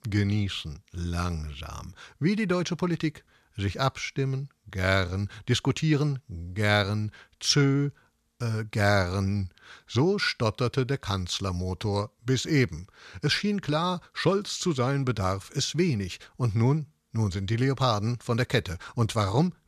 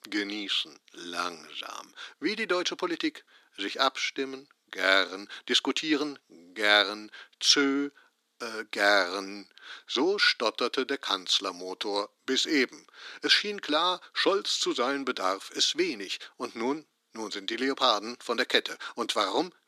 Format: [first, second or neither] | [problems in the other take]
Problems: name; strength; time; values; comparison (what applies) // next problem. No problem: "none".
first | thin; somewhat; fading below 250 Hz